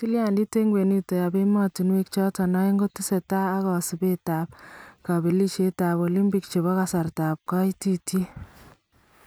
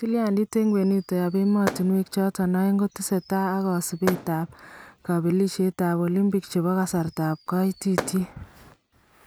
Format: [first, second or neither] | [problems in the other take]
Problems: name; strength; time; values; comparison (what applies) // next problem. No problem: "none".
first | background sound (Fireworks); 14 dB below the speech